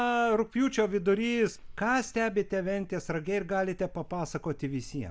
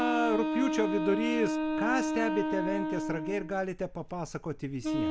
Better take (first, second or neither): first